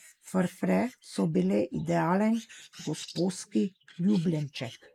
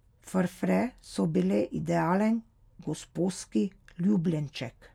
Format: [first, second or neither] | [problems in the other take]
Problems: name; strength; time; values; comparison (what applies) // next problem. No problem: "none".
second | noise reduction (neural mask model Resemble Enhance denoiser)